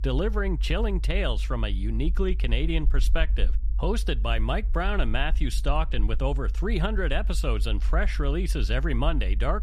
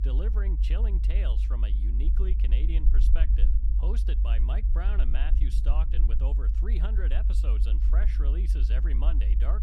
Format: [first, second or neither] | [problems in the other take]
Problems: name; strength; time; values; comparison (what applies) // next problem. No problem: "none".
first | low rumble; loud; throughout; 4 dB below the speech; faint in the first